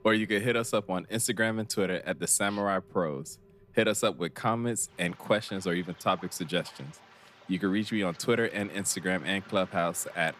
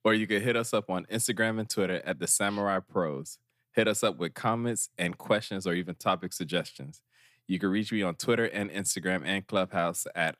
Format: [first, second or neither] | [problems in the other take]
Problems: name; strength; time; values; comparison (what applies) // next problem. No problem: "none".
second | rain or running water; faint; throughout; 25 dB below the speech